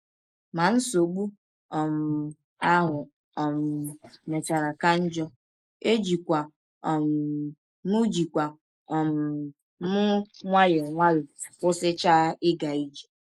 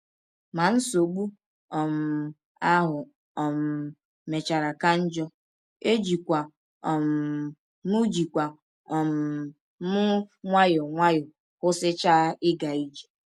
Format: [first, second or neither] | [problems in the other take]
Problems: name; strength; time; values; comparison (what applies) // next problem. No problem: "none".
second | noise reduction (neural mask model Resemble Enhance denoiser)